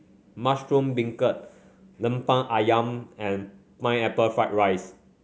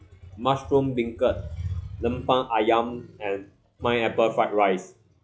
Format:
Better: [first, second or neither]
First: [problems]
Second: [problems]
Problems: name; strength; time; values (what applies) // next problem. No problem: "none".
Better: first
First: none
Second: noise reduction (classical method log-MMSE)